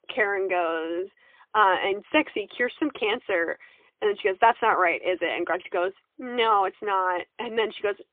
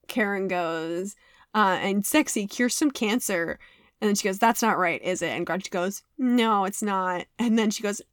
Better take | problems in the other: second | phone-call audio; poor line

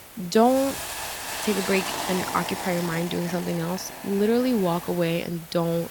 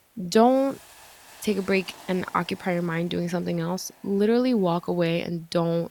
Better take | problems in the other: second | hiss; loud; throughout; 7 dB below the speech; faint in the second

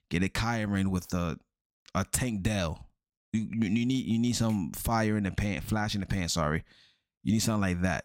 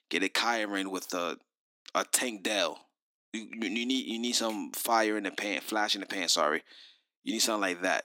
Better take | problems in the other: first | thin; somewhat; fading below 300 Hz

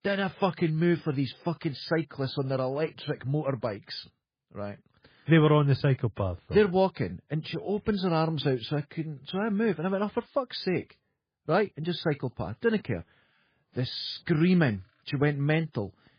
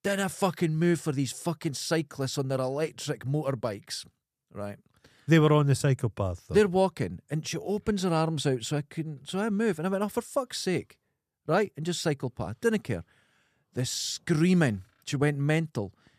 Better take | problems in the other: second | garbled, watery; badly

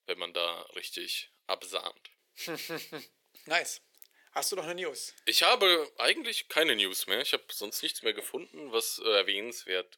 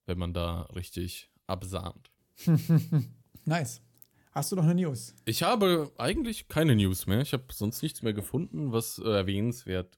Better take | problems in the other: second | thin; very; fading below 400 Hz

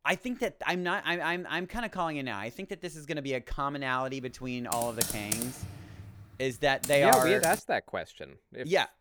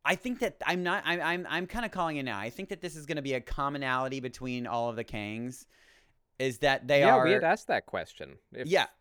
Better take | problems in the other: second | keyboard typing; loud; from 4.5 to 7.5 s; peak level with the speech

